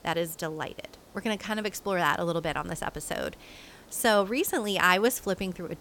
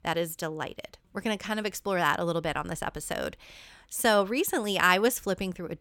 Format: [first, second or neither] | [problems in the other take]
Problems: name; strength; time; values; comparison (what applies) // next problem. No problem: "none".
second | hiss; faint; throughout; 25 dB below the speech